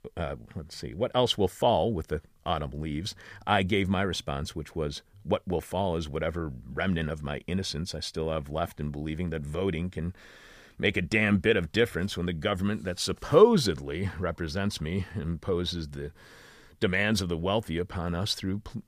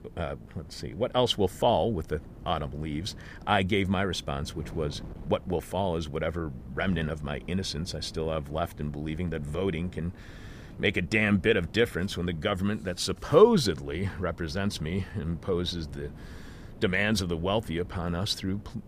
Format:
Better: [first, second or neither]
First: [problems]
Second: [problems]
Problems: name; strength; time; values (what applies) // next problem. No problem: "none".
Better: first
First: none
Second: wind noise on the microphone; occasional gusts; 25 dB below the speech